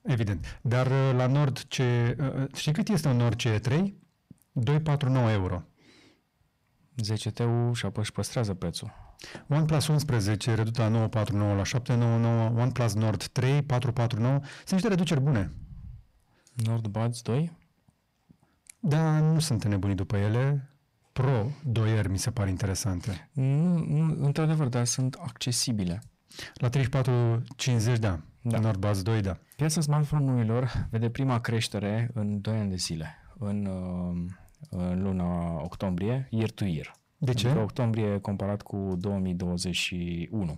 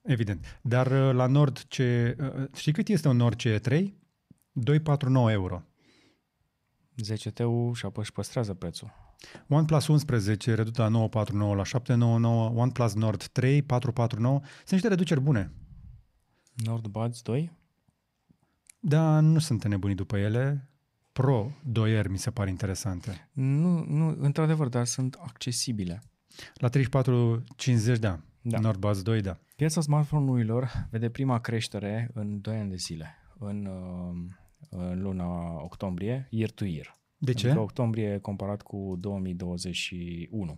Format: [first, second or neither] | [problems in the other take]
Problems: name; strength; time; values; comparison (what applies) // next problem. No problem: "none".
second | distortion; slight; 10 dB below the speech